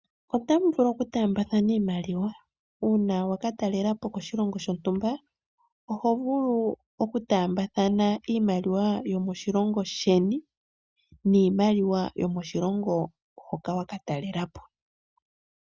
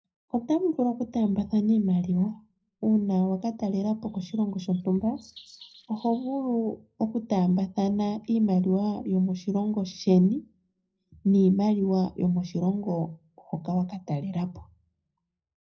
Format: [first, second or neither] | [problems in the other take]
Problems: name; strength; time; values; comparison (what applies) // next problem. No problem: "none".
first | noise reduction (neural separator model SepFormer DNS4)